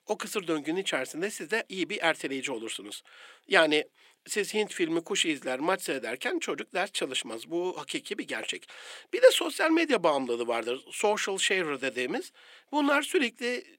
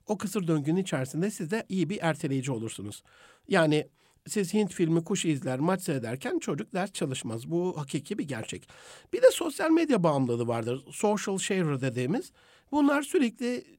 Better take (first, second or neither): second